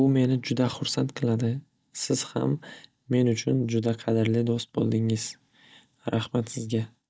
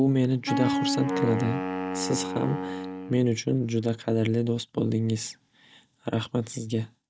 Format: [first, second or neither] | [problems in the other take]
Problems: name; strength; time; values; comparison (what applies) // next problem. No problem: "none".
first | background sound (Wind instrument, woodwind instrument); 3 dB below the speech